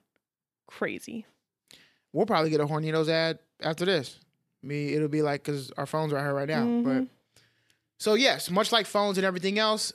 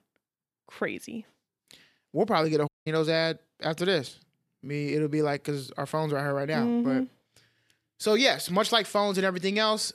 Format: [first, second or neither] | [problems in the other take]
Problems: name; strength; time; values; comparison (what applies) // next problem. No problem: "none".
first | audio cutting out; at 2.5 s